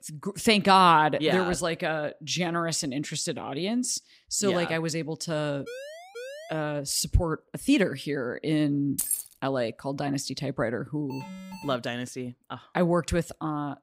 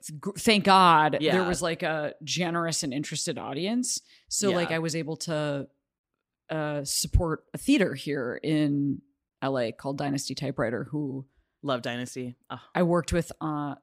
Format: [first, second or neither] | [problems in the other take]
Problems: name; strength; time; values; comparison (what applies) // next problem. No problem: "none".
second | siren; faint; at 5.5 s; peak 15 dB below the speech // jangling keys; noticeable; at 9 s; peak 1 dB below the speech // alarm; faint; at 11 s; peak 15 dB below the speech